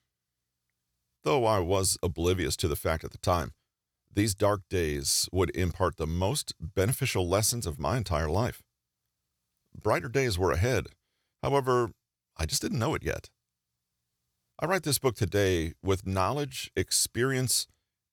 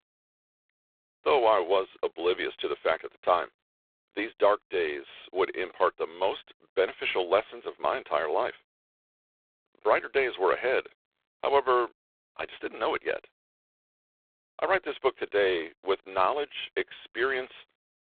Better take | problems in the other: first | phone-call audio; poor line

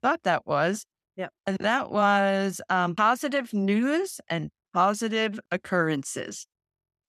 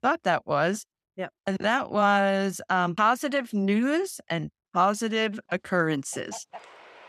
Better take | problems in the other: first | animal sounds; faint; from 5.5 s on; 20 dB below the speech

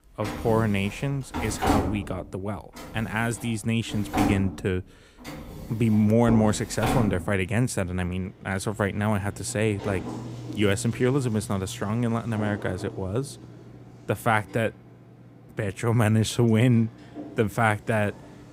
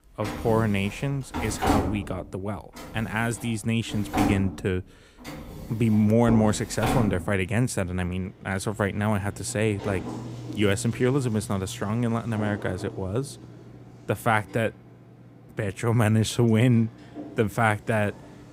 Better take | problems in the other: neither | household noises; loud; throughout; 8 dB below the speech; the same in both

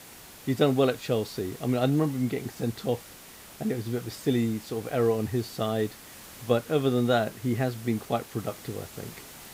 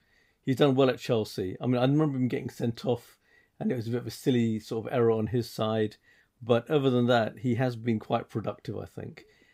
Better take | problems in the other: second | hiss; noticeable; throughout; 15 dB below the speech

